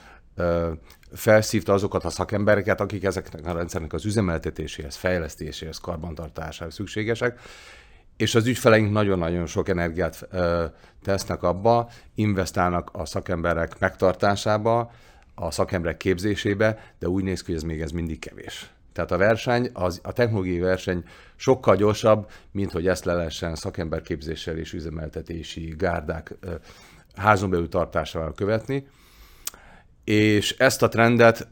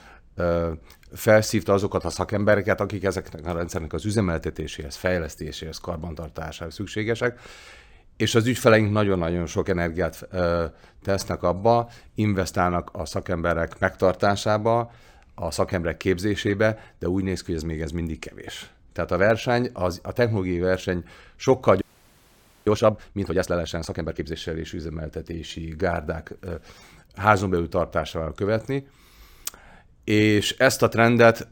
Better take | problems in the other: first | audio freezing; at 22 s for 1 s

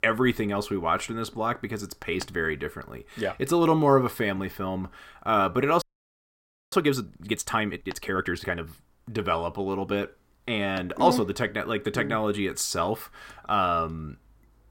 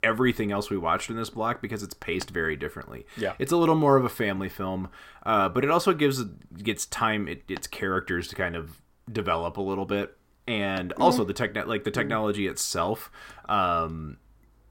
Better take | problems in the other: second | audio freezing; at 6 s for 1 s

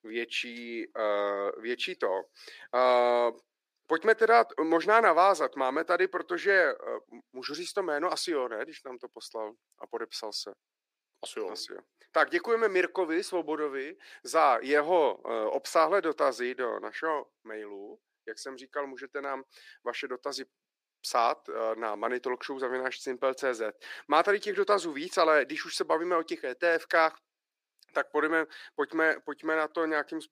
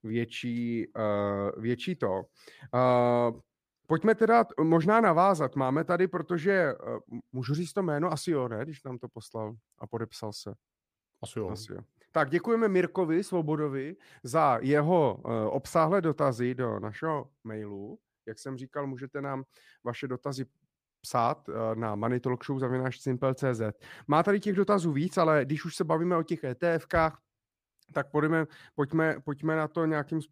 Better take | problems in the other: second | thin; very; fading below 350 Hz

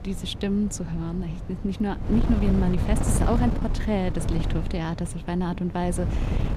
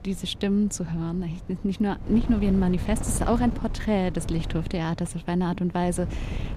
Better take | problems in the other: second | wind noise on the microphone; heavy; 7 dB below the speech; occasional gusts in the second

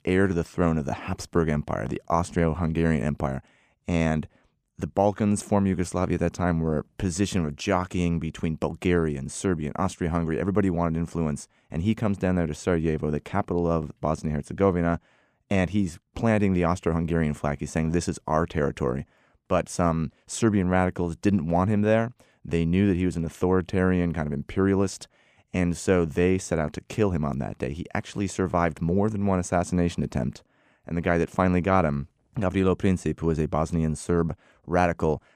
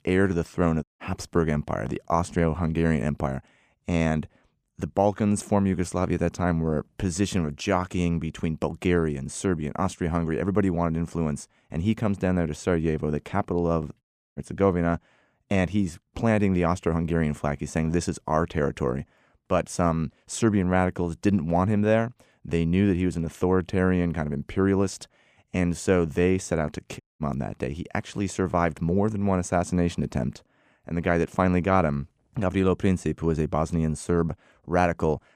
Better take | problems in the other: first | audio cutting out; at 1 s, at 14 s and at 27 s

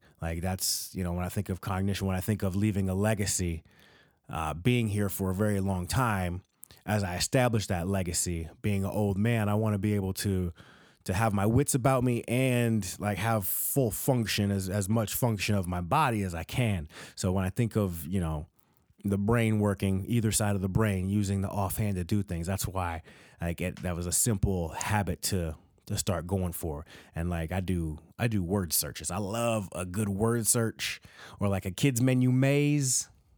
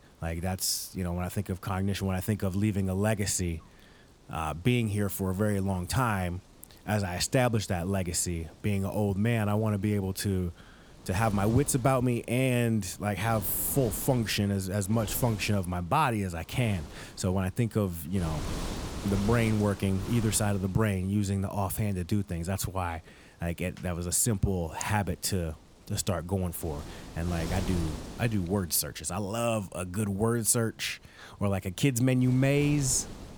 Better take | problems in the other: first | wind noise on the microphone; occasional gusts; 15 dB below the speech

